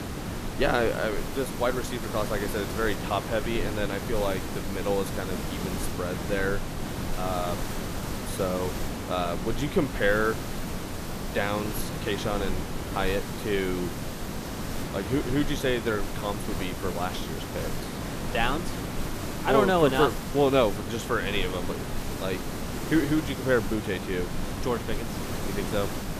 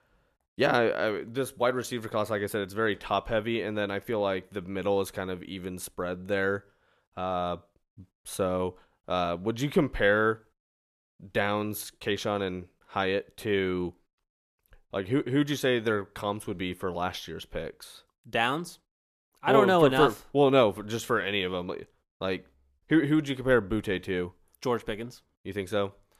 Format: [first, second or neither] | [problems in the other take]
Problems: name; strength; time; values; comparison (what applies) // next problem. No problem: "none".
second | hiss; loud; throughout; 5 dB below the speech